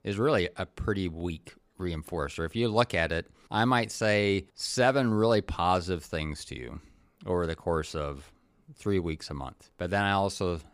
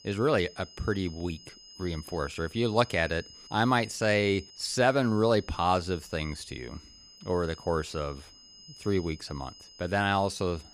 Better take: first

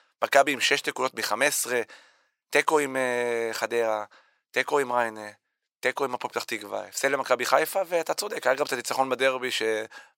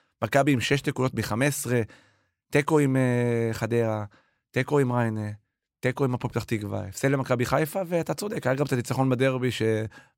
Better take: second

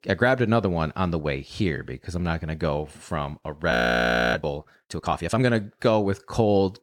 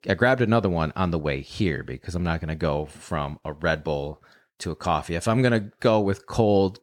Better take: second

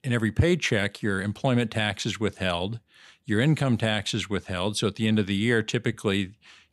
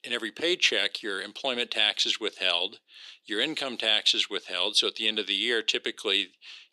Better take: first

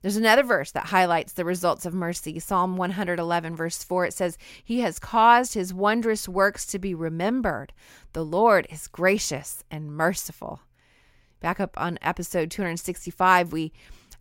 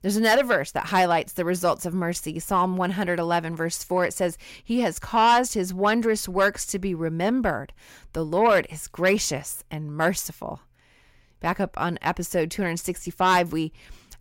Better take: first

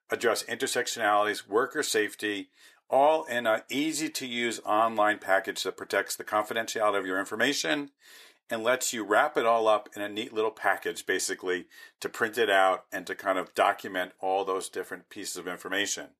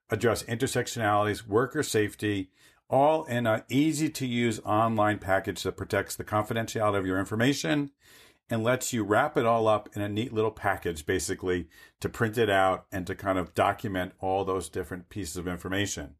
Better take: second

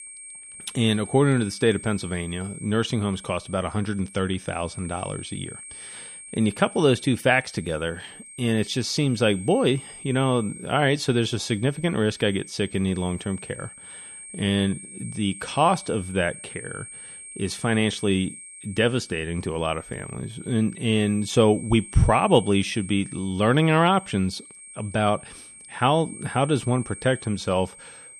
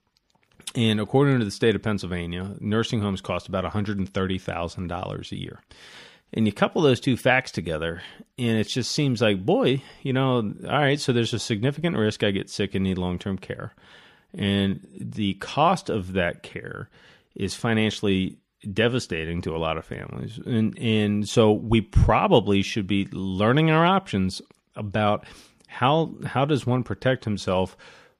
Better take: second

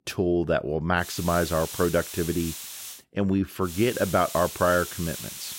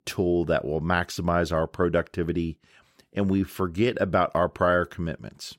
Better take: second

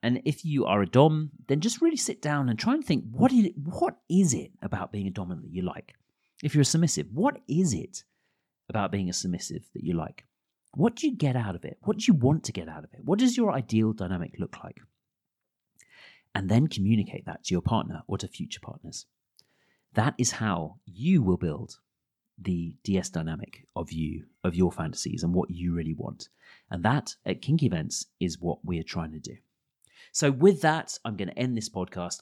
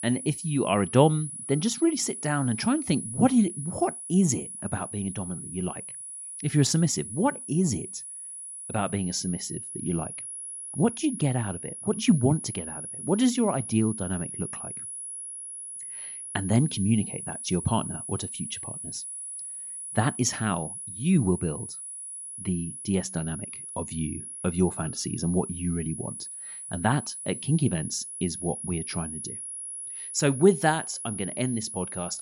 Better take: first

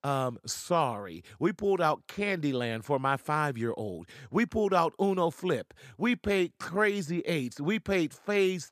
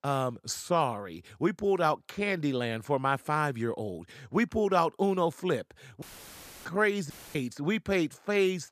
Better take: first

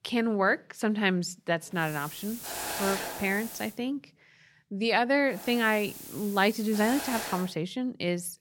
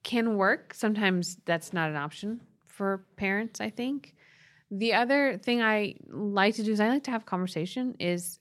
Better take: second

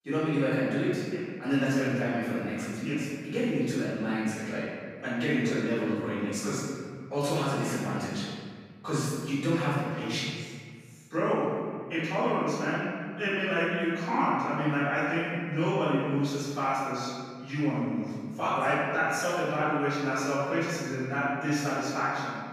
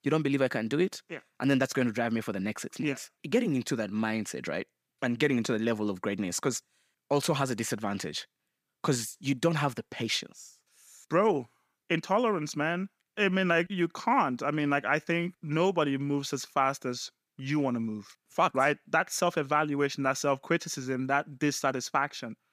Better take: second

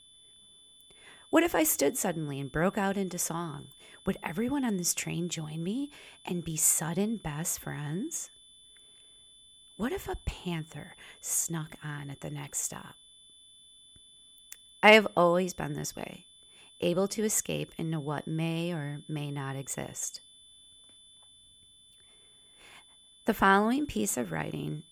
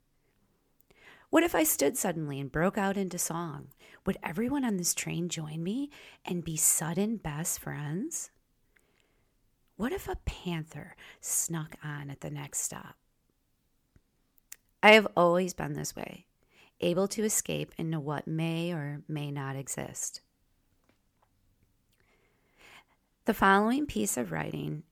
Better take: second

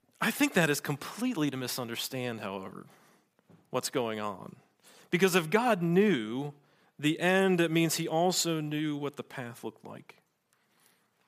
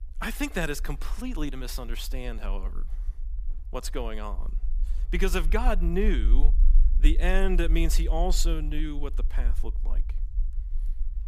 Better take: first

